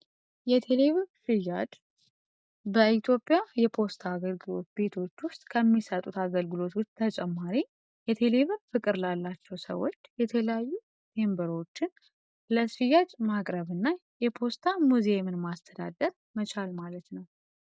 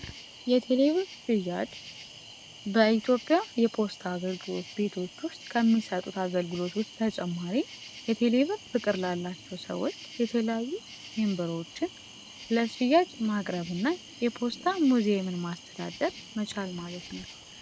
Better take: first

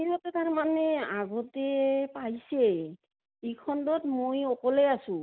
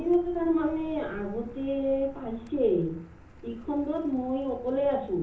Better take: first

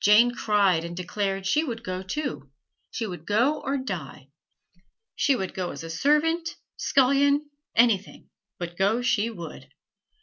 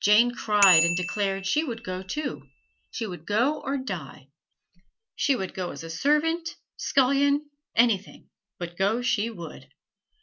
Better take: first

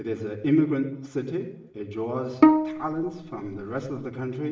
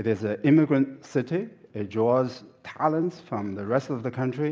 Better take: second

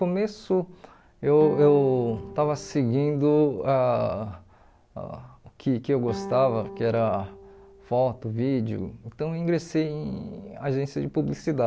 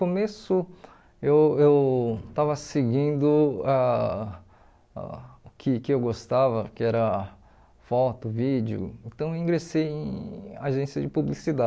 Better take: second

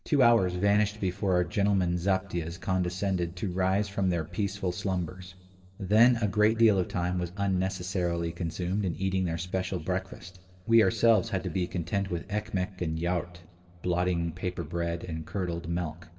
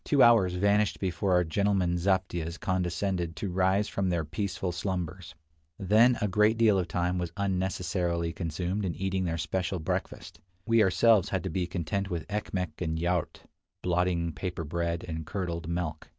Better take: second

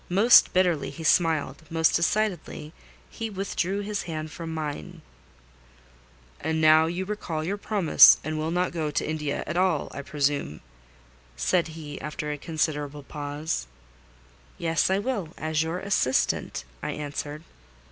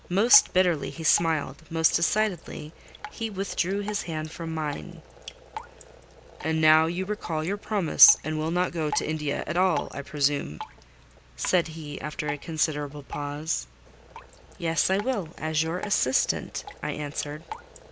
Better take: first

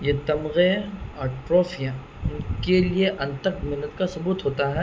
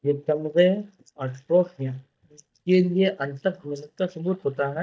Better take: first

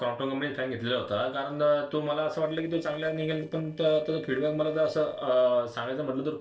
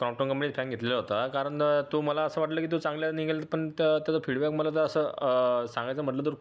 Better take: second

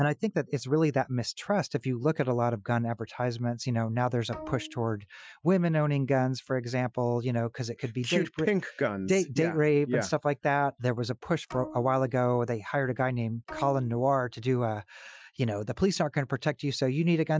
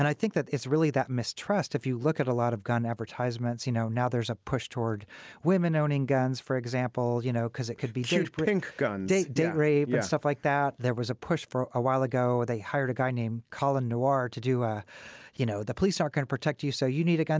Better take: second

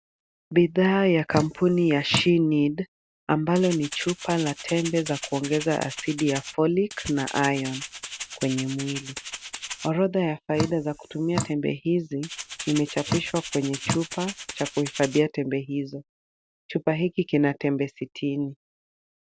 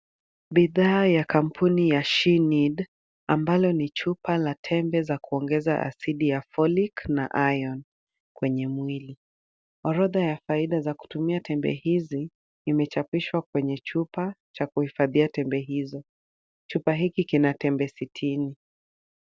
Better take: second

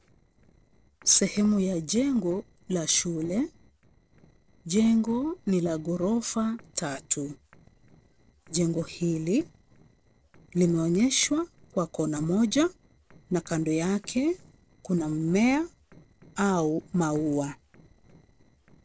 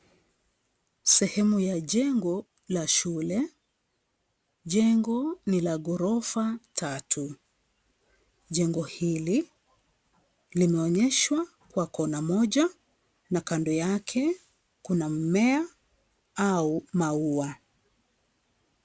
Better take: second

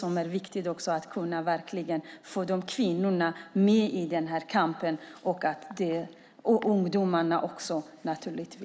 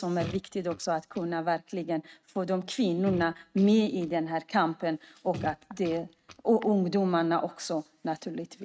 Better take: first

